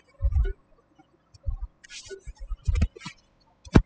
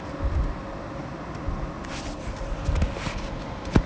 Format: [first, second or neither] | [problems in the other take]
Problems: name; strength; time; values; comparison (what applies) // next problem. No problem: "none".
second | noise reduction (classical method spectral subtraction)